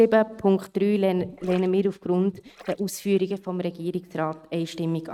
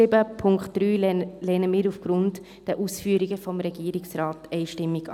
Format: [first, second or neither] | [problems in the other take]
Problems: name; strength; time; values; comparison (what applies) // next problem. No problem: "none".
second | noise reduction (neural mask model RNNoise)